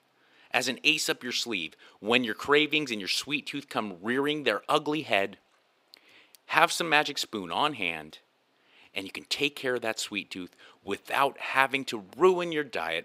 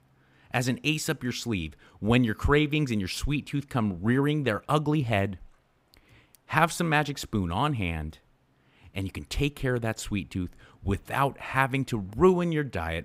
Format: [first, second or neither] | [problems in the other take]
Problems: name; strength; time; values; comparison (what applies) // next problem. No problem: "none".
second | thin; somewhat; fading below 400 Hz